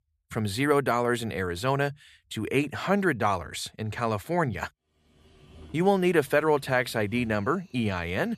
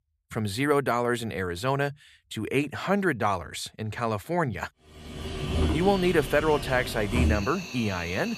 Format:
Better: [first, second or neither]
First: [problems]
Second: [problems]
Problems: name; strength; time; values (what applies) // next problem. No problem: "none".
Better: first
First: animal sounds; faint; from 5 s on; 25 dB below the speech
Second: animal sounds; loud; from 5 s on; 4 dB below the speech